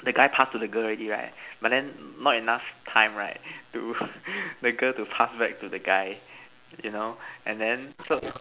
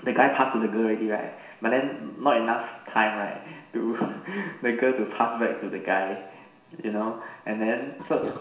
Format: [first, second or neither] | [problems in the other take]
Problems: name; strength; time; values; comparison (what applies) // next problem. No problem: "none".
first | room echo; dies away in 0.7 s